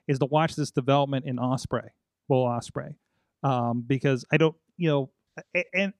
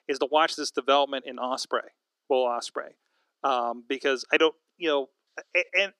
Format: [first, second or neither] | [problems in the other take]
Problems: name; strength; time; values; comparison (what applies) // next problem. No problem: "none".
first | thin; very; fading below 350 Hz